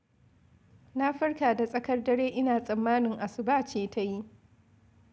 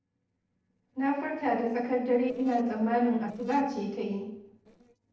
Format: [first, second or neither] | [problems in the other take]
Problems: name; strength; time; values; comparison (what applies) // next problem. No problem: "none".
first | noise reduction (neural separator model SepFormer DNS4)